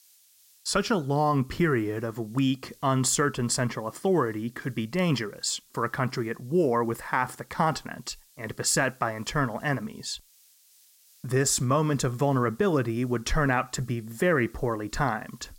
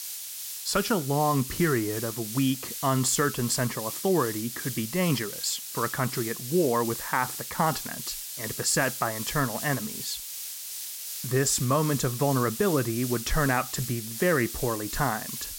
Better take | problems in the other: first | hiss; loud; throughout; 6 dB below the speech; faint in the first

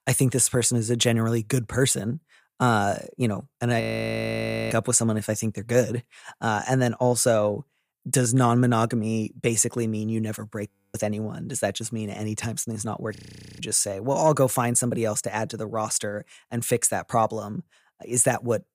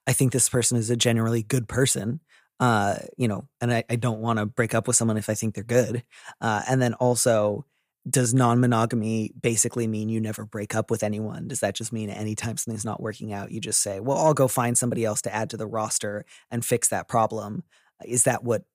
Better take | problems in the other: second | audio freezing; at 4 s for 1 s, at 11 s and at 13 s

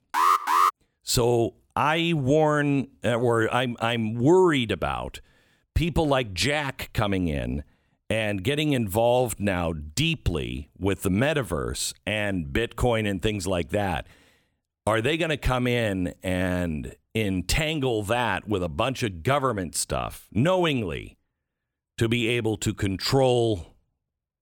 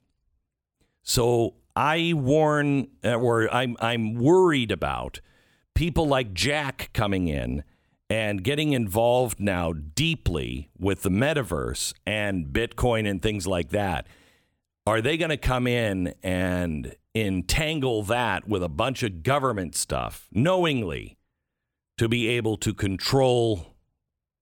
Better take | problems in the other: second | alarm; loud; at the start; peak 5 dB above the speech

